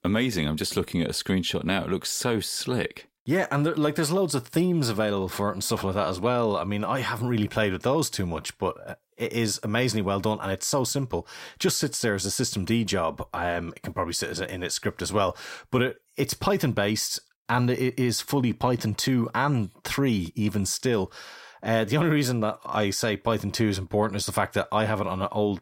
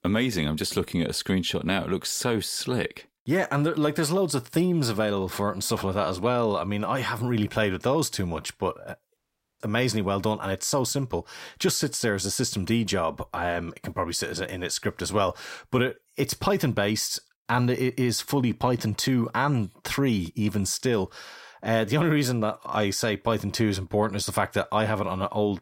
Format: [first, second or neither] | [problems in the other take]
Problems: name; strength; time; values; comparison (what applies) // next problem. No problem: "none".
first | audio cutting out; at 9 s